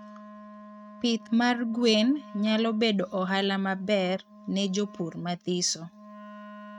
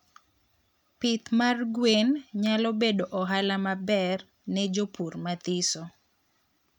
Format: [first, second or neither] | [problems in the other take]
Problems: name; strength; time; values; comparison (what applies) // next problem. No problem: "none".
second | noise reduction (neural mask model RNNoise)